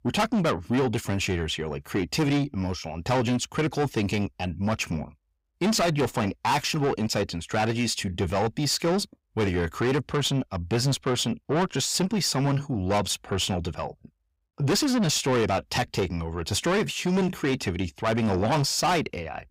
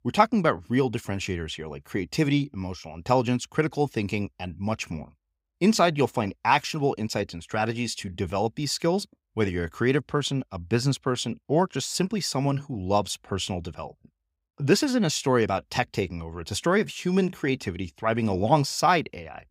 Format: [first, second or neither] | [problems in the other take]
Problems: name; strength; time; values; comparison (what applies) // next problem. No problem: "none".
second | distortion; heavy; 6 dB below the speech